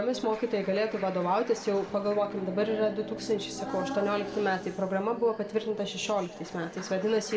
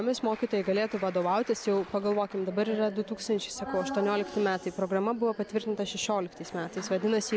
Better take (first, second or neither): second